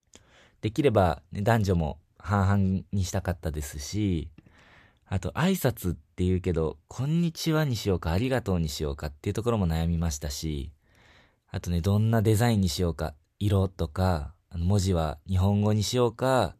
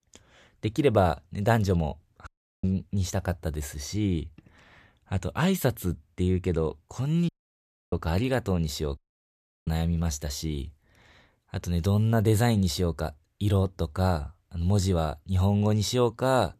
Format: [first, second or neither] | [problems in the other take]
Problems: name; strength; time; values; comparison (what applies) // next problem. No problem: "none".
first | audio cutting out; at 2.5 s, at 7.5 s for 0.5 s and at 9 s for 0.5 s